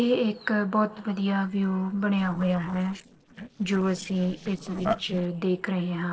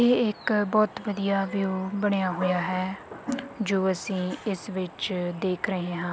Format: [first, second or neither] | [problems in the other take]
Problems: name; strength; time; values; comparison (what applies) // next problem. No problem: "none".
second | noise reduction (neural separator model SepFormer DNS4)